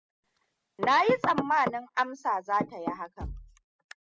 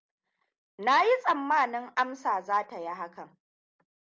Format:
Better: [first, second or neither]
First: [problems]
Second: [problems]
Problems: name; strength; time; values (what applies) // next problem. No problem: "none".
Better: second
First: noise reduction (classical method spectral subtraction)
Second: none